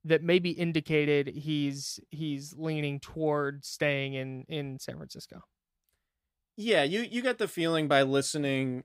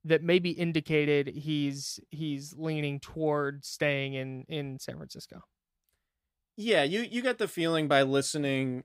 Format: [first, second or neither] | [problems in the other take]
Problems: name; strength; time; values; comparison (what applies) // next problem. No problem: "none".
neither | none